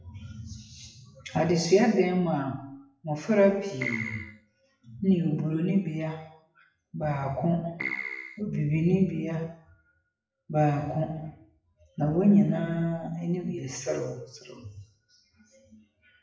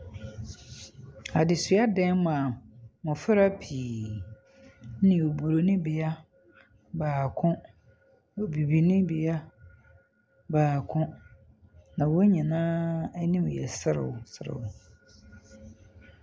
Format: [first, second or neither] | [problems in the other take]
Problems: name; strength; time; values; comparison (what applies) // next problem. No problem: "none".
second | noise reduction (classical method WPE with log-MMSE)